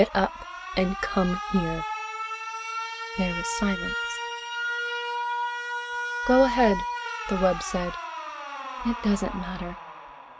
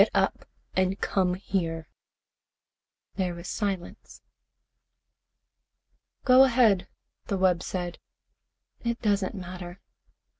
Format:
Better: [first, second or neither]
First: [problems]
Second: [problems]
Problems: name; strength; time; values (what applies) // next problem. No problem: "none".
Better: second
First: background sound (Alarm); 4 dB below the speech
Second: none